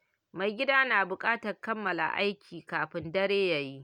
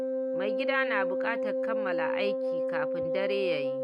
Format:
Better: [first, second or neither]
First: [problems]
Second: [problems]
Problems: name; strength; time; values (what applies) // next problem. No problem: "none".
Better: first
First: none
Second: background sound (Wind instrument, woodwind instrument); 5 dB above the speech